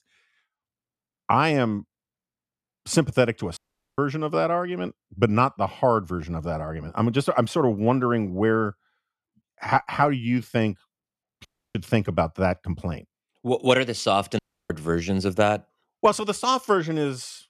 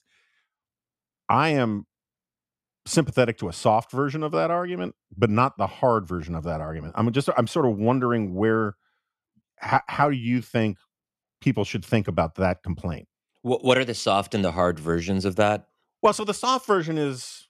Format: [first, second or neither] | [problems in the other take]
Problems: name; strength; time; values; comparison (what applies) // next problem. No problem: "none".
second | audio cutting out; at 3.5 s, at 11 s and at 14 s